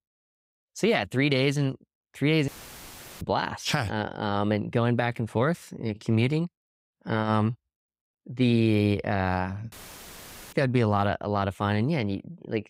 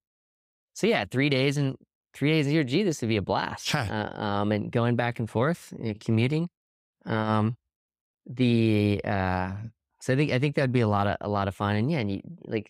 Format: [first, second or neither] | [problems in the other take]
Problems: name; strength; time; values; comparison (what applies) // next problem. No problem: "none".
second | audio cutting out; filled with static; at 2.5 s for 0.5 s and at 9.5 s for 1 s